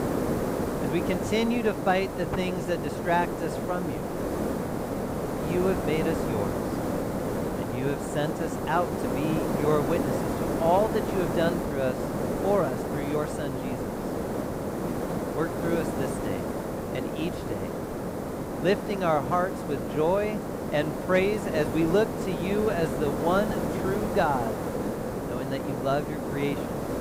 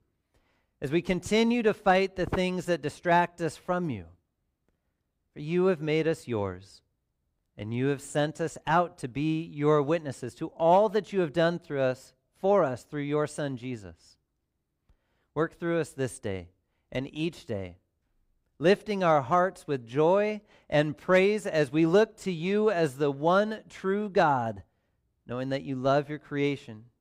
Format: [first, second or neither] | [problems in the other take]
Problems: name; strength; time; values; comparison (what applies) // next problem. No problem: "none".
second | hiss; loud; throughout; 1 dB below the speech